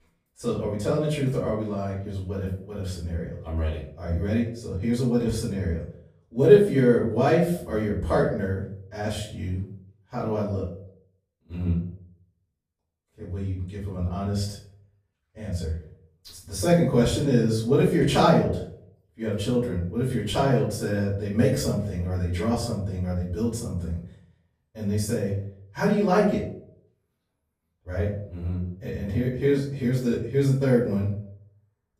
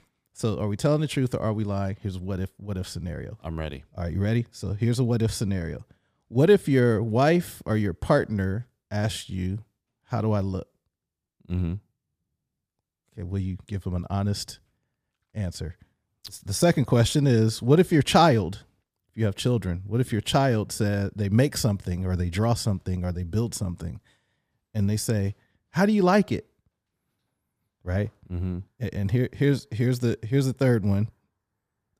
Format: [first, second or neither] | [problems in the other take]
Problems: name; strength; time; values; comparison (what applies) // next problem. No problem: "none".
second | off-mic speech; far // room echo; noticeable; dies away in 0.5 s